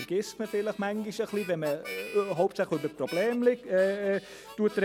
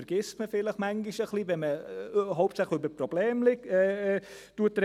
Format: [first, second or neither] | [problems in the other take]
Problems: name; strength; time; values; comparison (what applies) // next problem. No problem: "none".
second | background sound (Harmonica); 17 dB below the speech